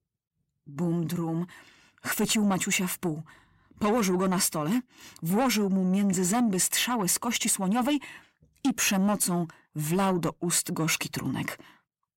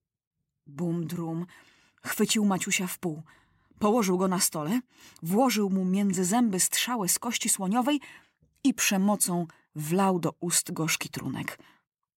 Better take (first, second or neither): second